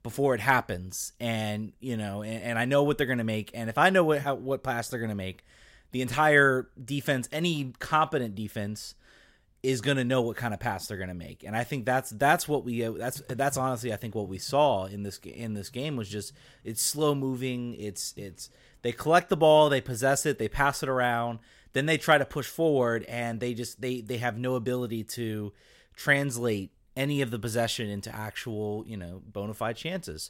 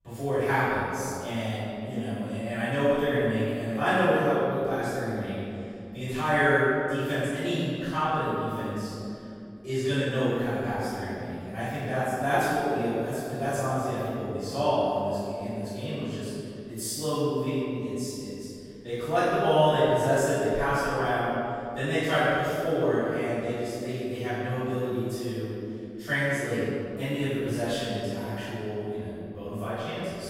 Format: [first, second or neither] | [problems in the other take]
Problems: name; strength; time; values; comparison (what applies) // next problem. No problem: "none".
first | room echo; strong; dies away in 2.6 s // off-mic speech; far